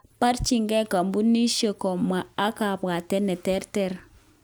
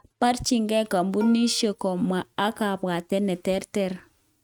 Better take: first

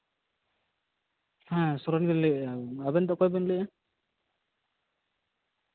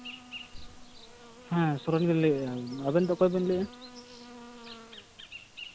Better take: first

